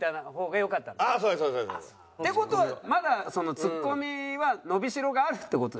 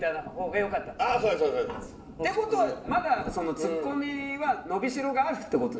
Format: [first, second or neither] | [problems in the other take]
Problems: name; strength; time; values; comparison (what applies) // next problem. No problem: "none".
first | background sound (Rain); 16 dB below the speech // room echo; dies away in 0.9 s